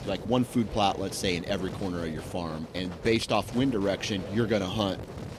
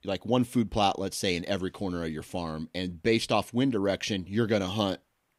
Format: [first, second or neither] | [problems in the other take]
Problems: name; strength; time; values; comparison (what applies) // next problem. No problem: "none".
second | wind noise on the microphone; occasional gusts; 15 dB below the speech